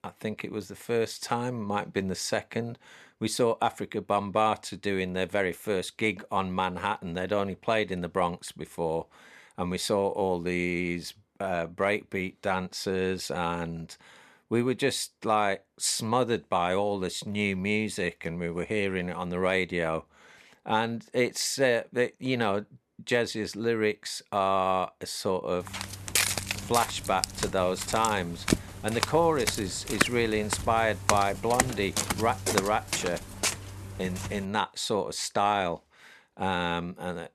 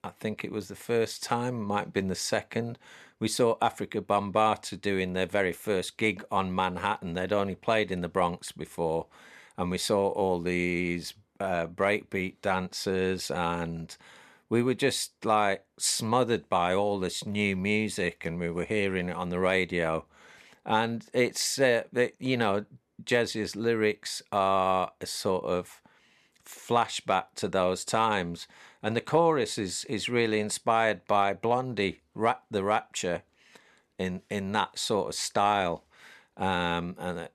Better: second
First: footsteps; loud; from 26 to 34 s; peak 4 dB above the speech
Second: none

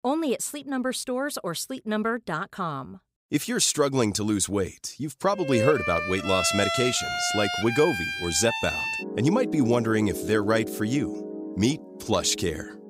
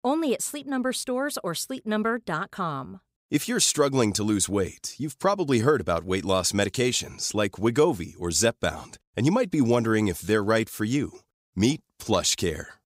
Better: second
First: background music; loud; from 5.5 s on; 4 dB below the speech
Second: none

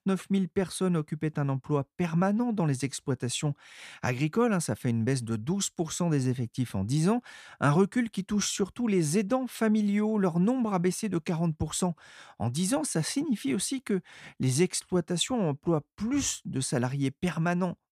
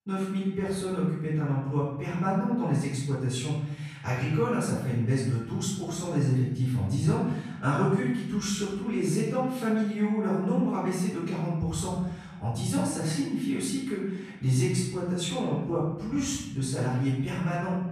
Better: first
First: none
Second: off-mic speech; far // room echo; noticeable; dies away in 1 s

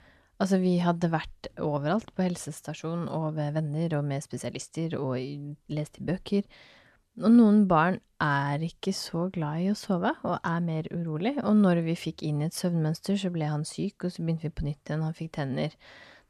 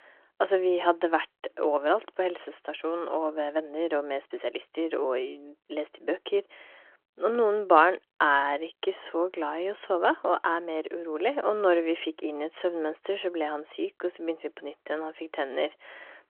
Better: first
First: none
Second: phone-call audio

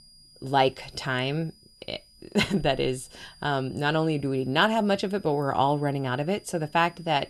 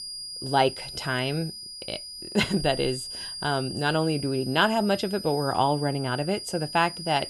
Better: first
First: high-pitched whine; faint; throughout; 5 kHz, 25 dB below the speech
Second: high-pitched whine; loud; throughout; 5 kHz, 9 dB below the speech

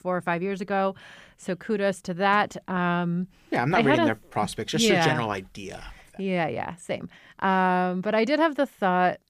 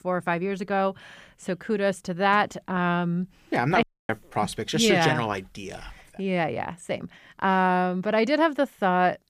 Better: first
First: none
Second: audio cutting out; at 4 s

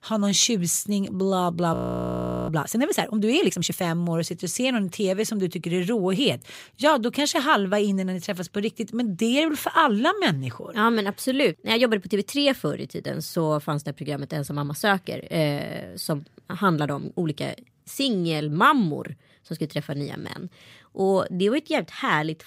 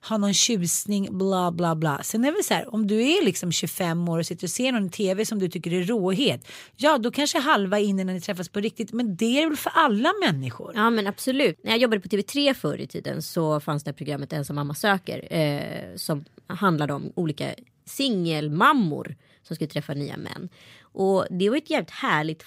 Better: second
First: audio freezing; at 1.5 s for 0.5 s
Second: none

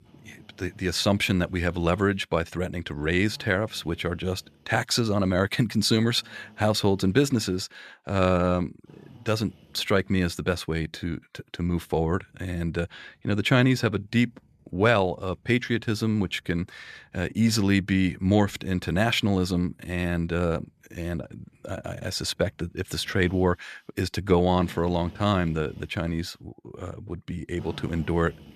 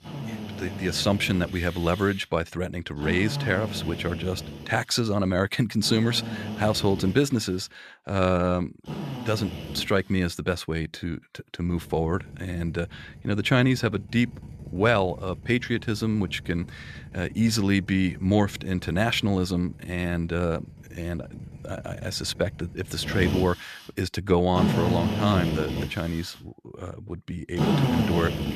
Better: first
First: machinery noise; faint; throughout; 25 dB below the speech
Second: machinery noise; loud; throughout; 7 dB below the speech

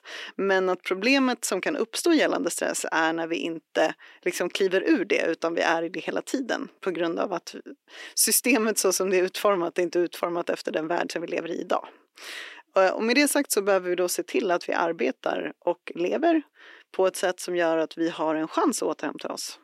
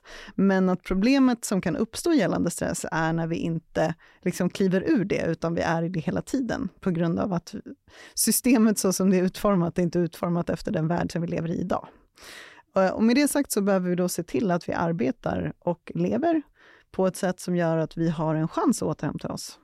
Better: second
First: thin; somewhat; fading below 300 Hz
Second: none

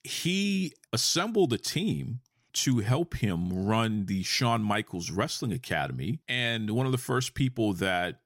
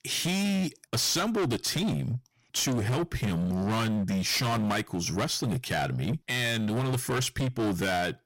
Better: first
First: none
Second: distortion; heavy; 27% of the sound clipped

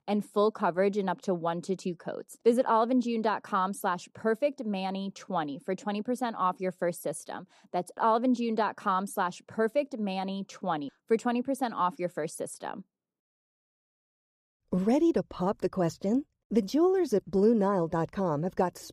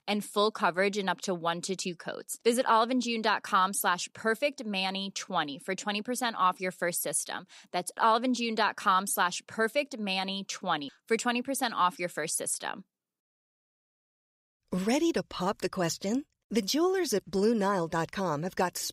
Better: second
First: muffled; slightly; fading above 1.5 kHz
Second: none

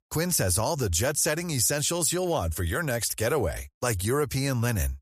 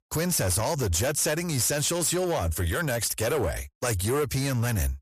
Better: first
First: none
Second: distortion; slight; 16% of the sound clipped

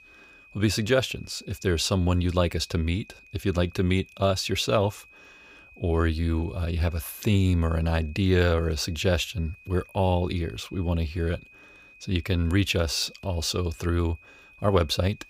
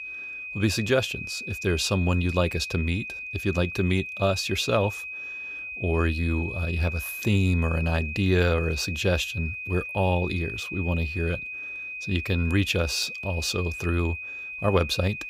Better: first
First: high-pitched whine; faint; throughout; 2.5 kHz, 25 dB below the speech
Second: high-pitched whine; loud; throughout; 2.5 kHz, 7 dB below the speech

